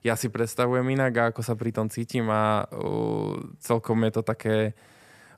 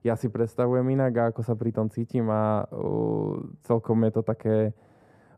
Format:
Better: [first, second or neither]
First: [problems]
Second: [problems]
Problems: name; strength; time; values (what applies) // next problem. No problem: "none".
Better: first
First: none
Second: muffled; very; fading above 1.5 kHz